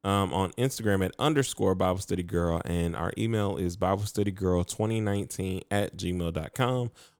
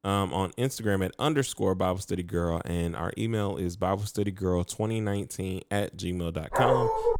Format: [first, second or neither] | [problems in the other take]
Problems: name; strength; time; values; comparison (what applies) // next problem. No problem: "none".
first | dog barking; loud; at 6.5 s; peak 5 dB above the speech